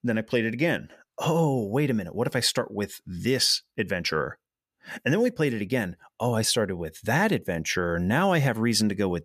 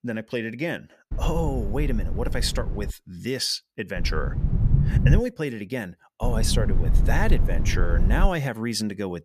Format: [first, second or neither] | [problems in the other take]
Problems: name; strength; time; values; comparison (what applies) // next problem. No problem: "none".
first | low rumble; loud; from 1 to 3 s, from 4 to 5 s and from 6 to 8.5 s; 9 dB below the speech